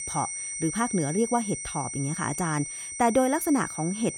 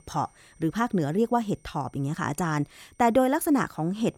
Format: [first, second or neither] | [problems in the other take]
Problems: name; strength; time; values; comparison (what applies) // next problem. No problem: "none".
second | high-pitched whine; loud; throughout; 8.5 kHz, 5 dB below the speech; faint in the second